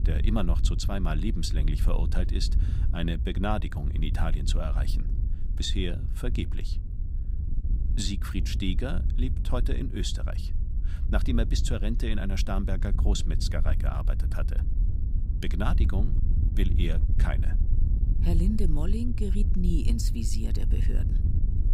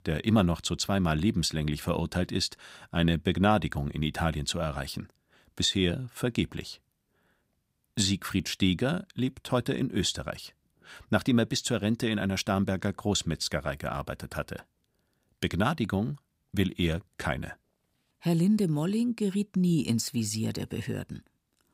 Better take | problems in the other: second | wind noise on the microphone; occasional gusts; 10 dB below the speech

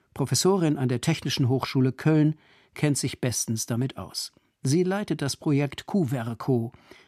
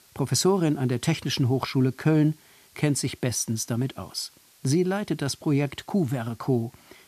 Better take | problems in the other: first | hiss; faint; throughout; 30 dB below the speech

